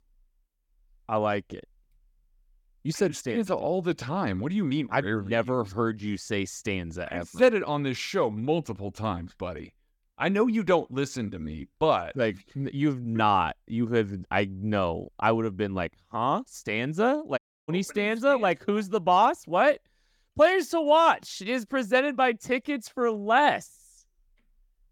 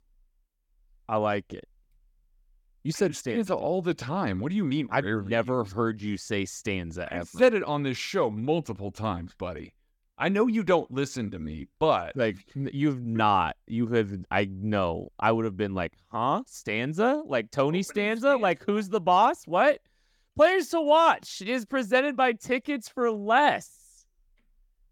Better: second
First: audio cutting out; at 17 s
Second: none

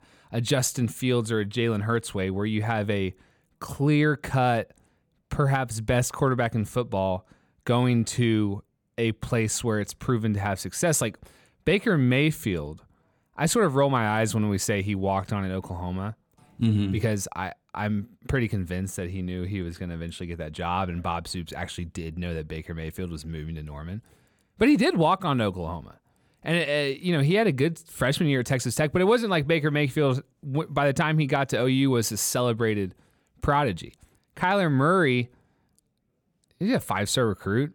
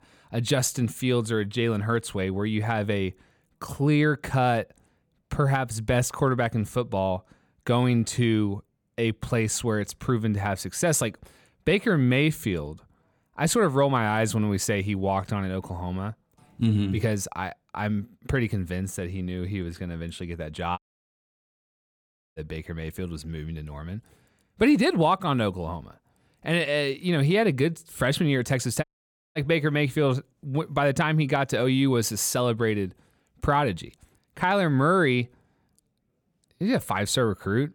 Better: first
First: none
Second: audio cutting out; at 21 s for 1.5 s and at 29 s for 0.5 s

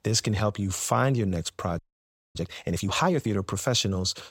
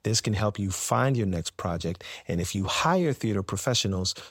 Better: second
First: audio freezing; at 2 s for 0.5 s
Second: none

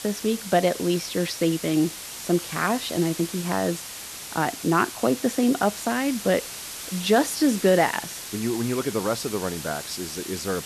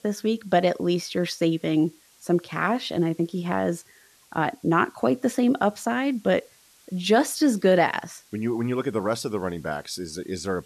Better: second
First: hiss; loud; throughout; 9 dB below the speech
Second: hiss; faint; throughout; 30 dB below the speech

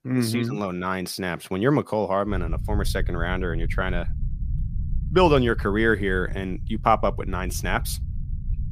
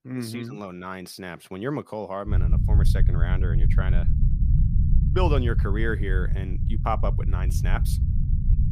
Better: first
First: low rumble; faint; from 2.5 s on; 25 dB below the speech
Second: low rumble; loud; from 2.5 s on; 8 dB below the speech

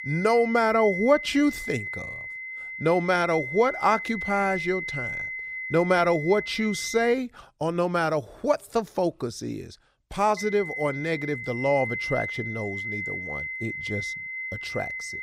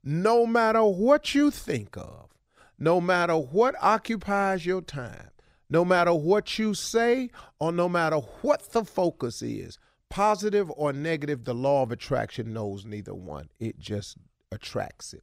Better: second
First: high-pitched whine; loud; until 7 s and from 10 s on; 2 kHz, 6 dB below the speech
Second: none

